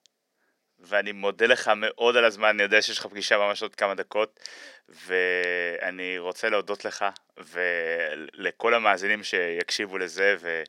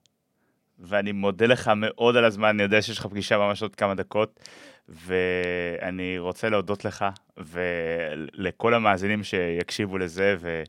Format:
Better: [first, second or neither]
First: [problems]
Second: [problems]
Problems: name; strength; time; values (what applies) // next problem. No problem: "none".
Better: second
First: thin; somewhat; fading below 400 Hz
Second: none